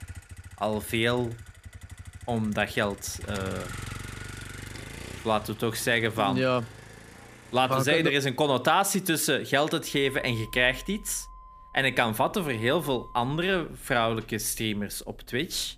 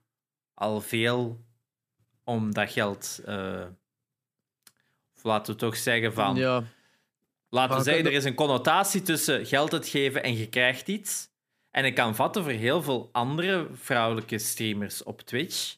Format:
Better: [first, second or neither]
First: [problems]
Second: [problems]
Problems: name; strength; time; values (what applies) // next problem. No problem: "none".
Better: second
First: traffic noise; noticeable; throughout; 15 dB below the speech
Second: none